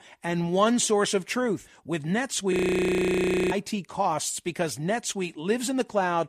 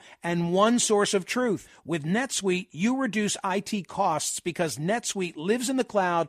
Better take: second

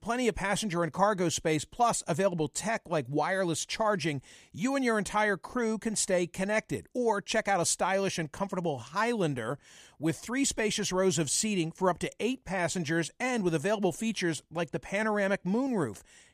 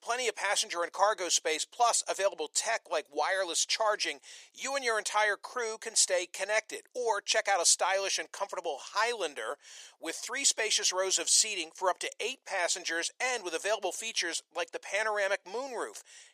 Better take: first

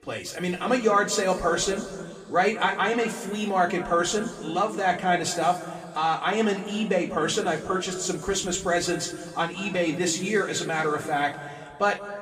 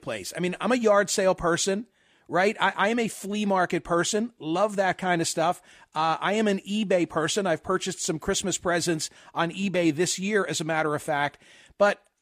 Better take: second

